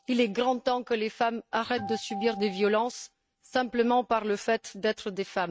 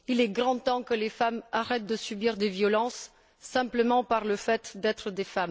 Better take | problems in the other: second | noise reduction (neural mask model RNNoise)

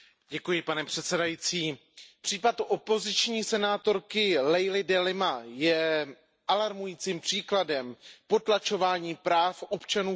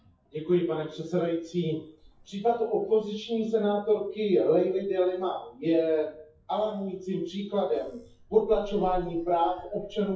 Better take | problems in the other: first | noise reduction (classical method WPE with log-MMSE)

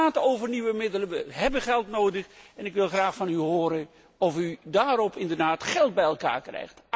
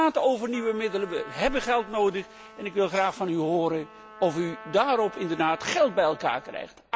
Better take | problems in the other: first | background sound (Trumpet); 18 dB below the speech

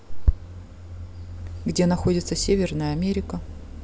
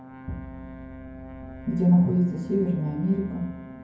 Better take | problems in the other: first | background sound (Brass instrument); 17 dB below the speech // room echo; dies away in 0.9 s

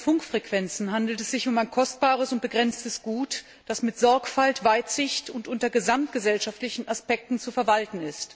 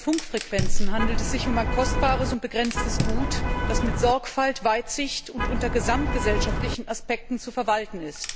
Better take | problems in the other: first | background sound (Vehicle horn, car horn, honking + Fire); 2 dB above the speech

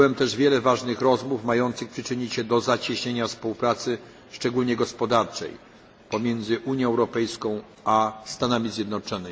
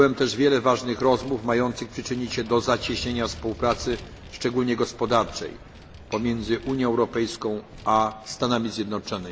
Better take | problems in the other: first | background sound (Vehicle); 18 dB below the speech

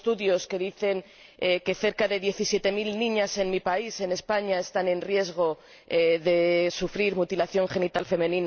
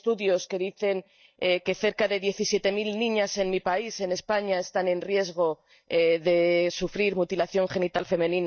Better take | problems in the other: first | noise reduction (neural mask model DeepFilterNet 3)

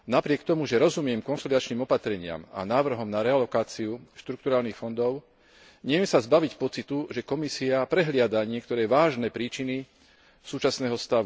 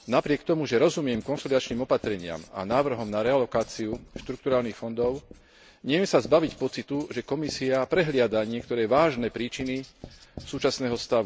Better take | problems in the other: first | background sound (Writing); 19 dB below the speech

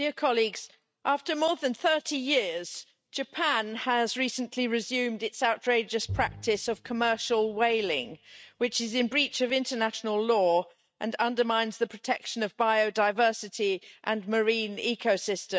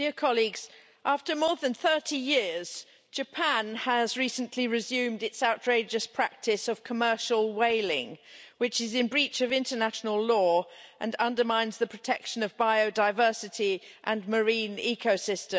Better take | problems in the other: second | noise reduction (neural mask model RNNoise)

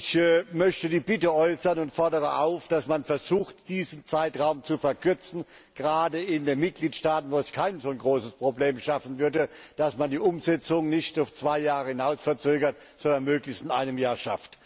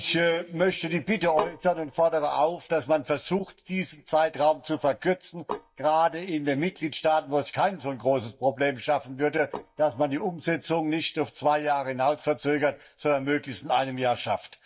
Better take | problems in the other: first | noise reduction (neural mask model DeepFilterNet 3)

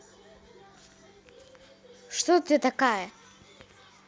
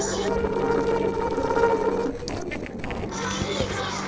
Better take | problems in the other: first | noise reduction (neural separator model SepFormer DNS4)

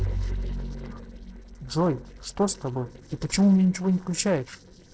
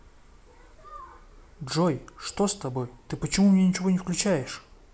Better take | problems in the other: second | noise reduction (neural separator model SepFormer DNS4)

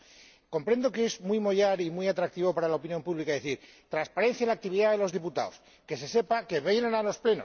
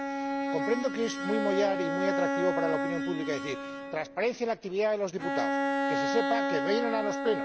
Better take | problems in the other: first | background sound (Bowed string instrument); as loud as the speech

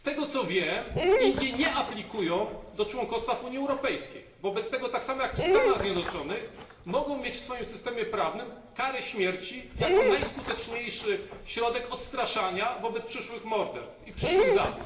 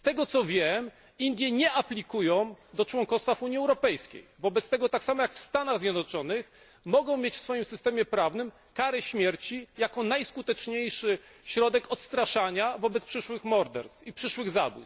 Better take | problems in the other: second | background sound (Dog); 1 dB below the speech // room echo; dies away in 0.8 s

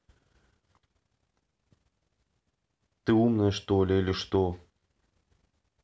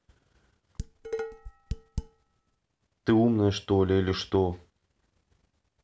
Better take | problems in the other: first | background sound (Dishes, pots, and pans); 8 dB below the speech

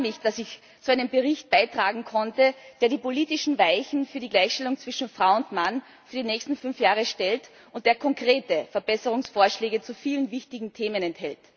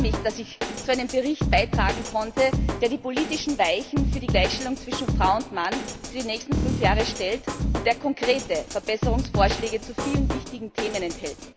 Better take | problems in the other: first | background sound (Drum kit); 2 dB below the speech

